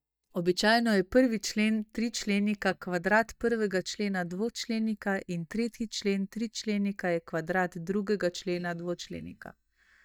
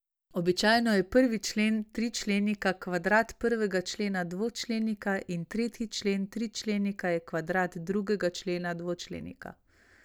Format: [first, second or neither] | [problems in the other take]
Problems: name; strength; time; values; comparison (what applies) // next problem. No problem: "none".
second | noise reduction (neural mask model DeepFilterNet 3)